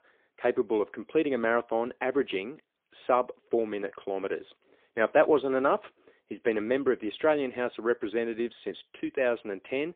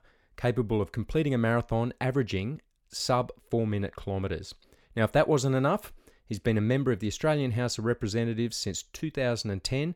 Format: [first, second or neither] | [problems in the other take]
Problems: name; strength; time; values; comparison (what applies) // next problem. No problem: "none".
second | phone-call audio; poor line; nothing above 3.5 kHz